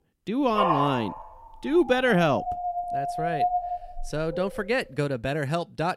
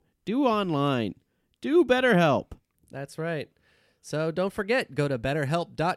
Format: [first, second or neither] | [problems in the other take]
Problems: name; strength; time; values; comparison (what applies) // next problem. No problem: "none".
second | dog barking; loud; from 0.5 to 4.5 s; peak 2 dB above the speech